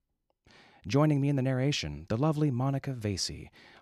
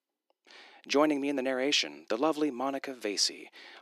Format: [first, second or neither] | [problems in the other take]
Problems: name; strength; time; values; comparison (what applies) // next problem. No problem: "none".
first | thin; somewhat; fading below 300 Hz